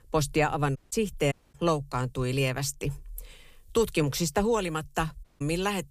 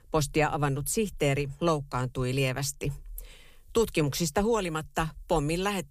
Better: second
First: audio cutting out; at 1 s, at 1.5 s and at 5 s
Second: none

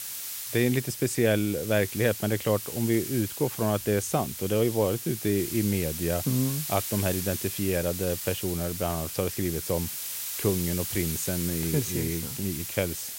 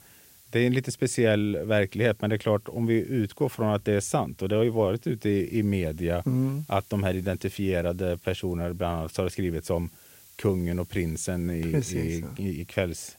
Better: second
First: hiss; loud; throughout; 5 dB below the speech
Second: hiss; faint; throughout; 25 dB below the speech

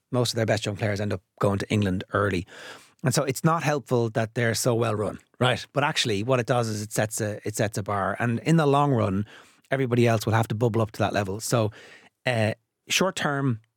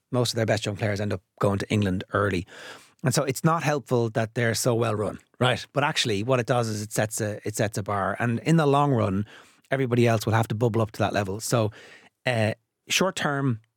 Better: neither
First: none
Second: none

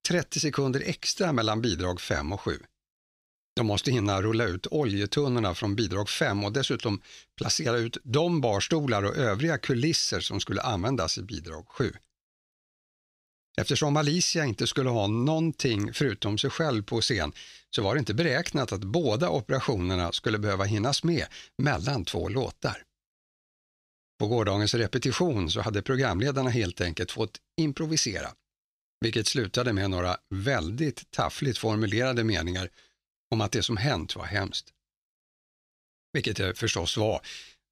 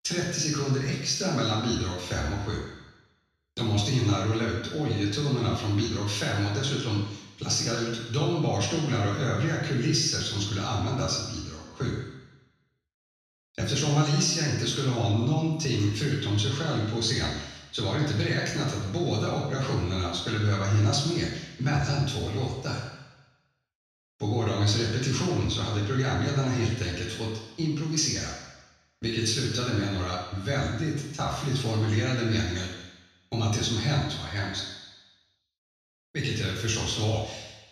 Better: first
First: none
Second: room echo; noticeable; dies away in 1 s // off-mic speech; far

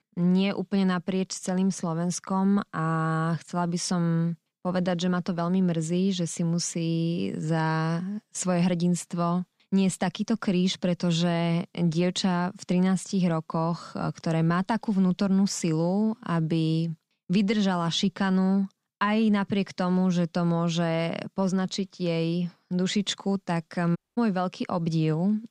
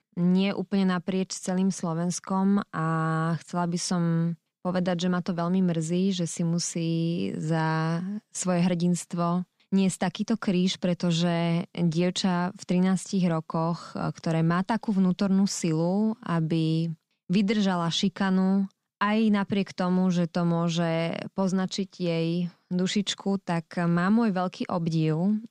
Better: second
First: audio cutting out; at 24 s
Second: none

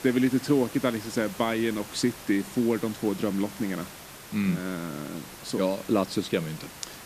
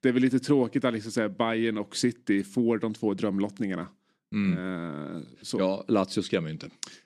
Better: second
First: hiss; noticeable; throughout; 15 dB below the speech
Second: none

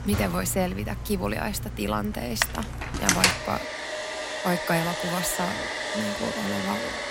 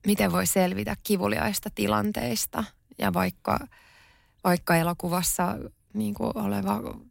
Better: second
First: household noises; very loud; throughout; as loud as the speech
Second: none

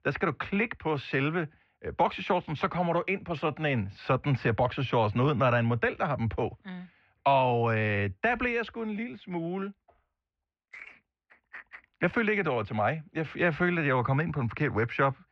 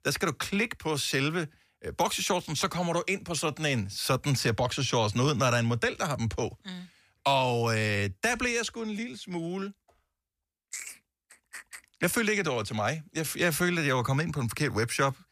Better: second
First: muffled; very; fading above 2.5 kHz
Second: none

